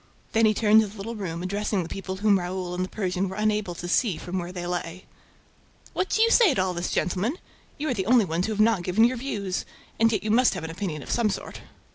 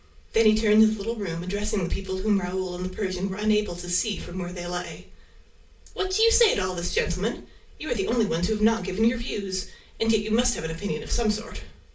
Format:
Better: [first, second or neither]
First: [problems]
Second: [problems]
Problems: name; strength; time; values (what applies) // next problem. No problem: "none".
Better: first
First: none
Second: room echo; dies away in 0.3 s